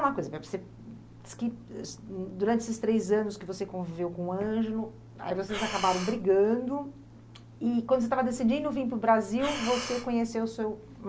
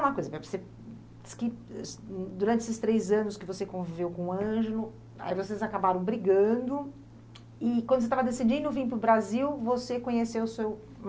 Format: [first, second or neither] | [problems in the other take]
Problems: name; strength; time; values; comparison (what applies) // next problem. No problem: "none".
second | background sound (Breathing); 9 dB below the speech